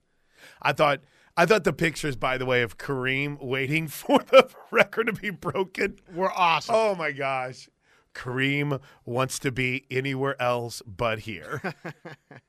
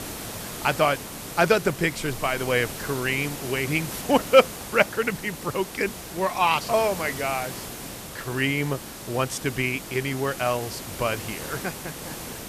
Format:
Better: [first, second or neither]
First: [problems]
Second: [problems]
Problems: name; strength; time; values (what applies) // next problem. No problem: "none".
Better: first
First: none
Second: hiss; loud; throughout; 10 dB below the speech